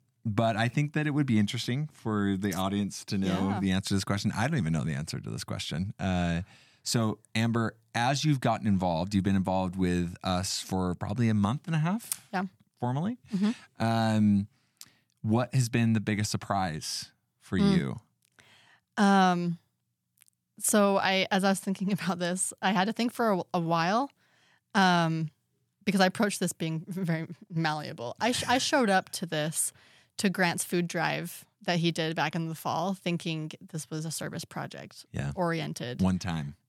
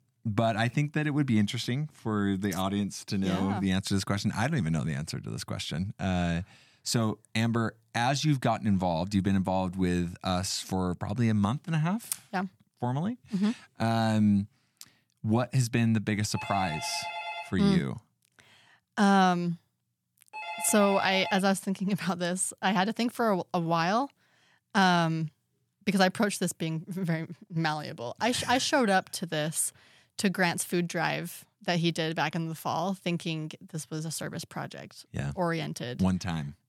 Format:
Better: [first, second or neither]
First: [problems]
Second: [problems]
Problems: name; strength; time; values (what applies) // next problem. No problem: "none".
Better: first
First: none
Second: phone ringing; noticeable; from 16 to 21 s; peak 6 dB below the speech